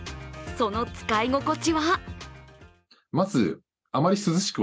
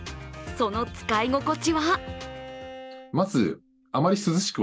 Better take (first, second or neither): first